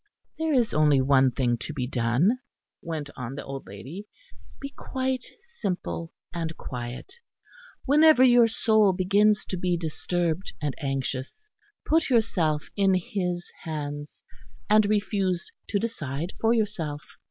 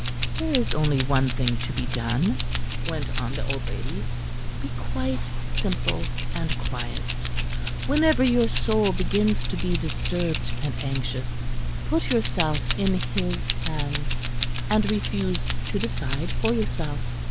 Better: first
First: none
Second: background sound (Keys jangling); 2 dB above the speech

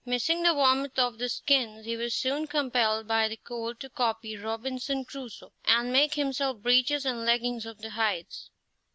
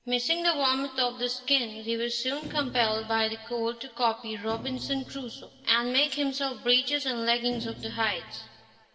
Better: first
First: none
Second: background sound (Thump, thud); 16 dB below the speech // room echo; dies away in 1.7 s

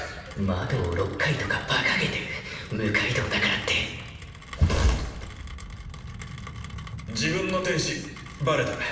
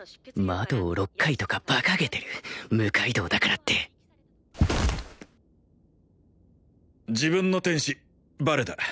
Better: second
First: background sound (Rain); 12 dB below the speech // room echo; dies away in 1.1 s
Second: none

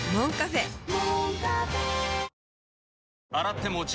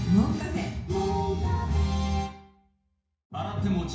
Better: first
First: none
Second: room echo; dies away in 0.6 s

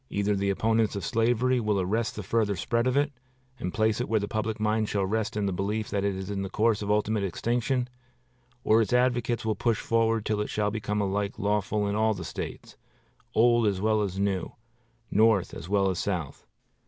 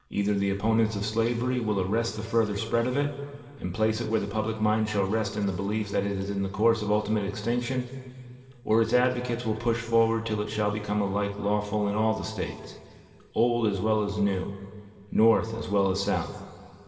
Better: first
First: none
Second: room echo; dies away in 2 s

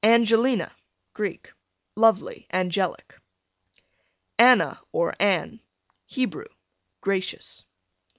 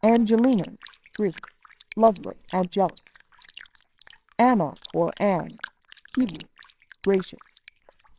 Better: first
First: none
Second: noise reduction (neural separator model SepFormer WHAMR!)

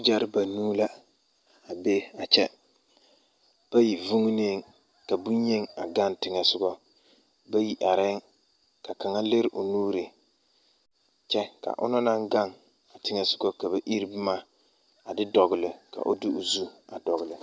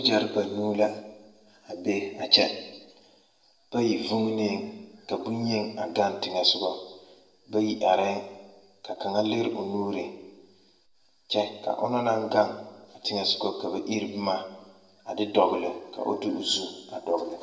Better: first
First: none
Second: room echo; dies away in 0.9 s

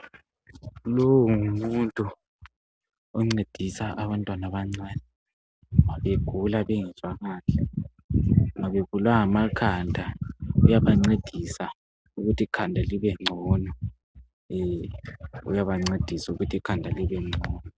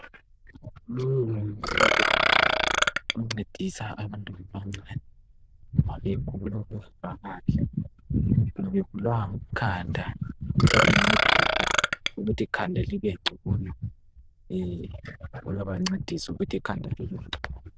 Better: first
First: none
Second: noise reduction (neural diffusion model UNIVERSE++)

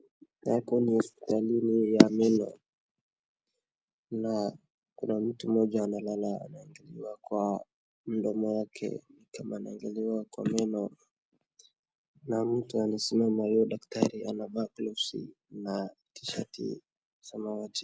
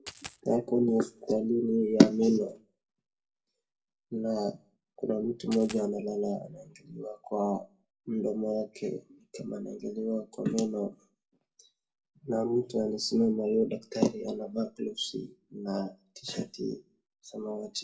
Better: first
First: none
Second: background sound (Coin (dropping)); 14 dB below the speech // room echo; dies away in 0.2 s

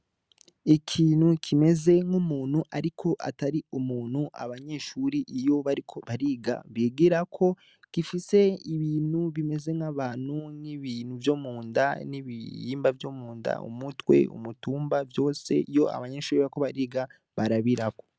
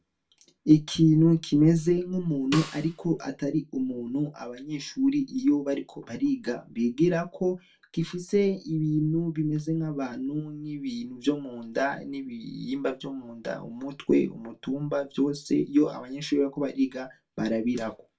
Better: first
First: none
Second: background sound (Snare drum); 11 dB below the speech // room echo; dies away in 0.1 s

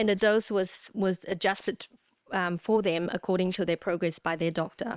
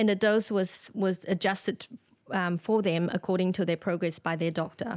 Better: second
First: noise reduction (neural separator model SepFormer WHAM!)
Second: none

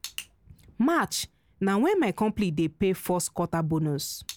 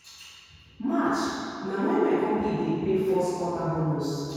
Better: first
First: none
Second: room echo; dies away in 2.2 s

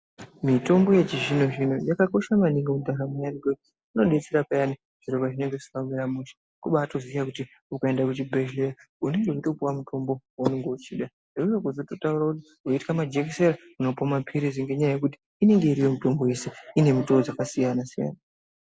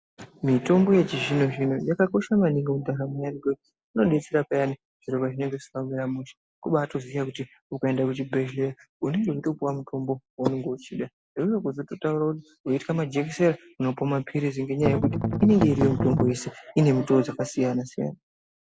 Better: first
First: none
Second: background sound (Strum); as loud as the speech

